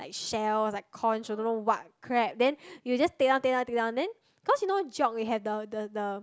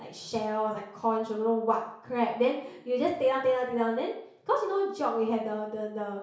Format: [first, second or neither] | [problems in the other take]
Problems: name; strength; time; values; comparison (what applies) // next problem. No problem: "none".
first | room echo; dies away in 0.6 s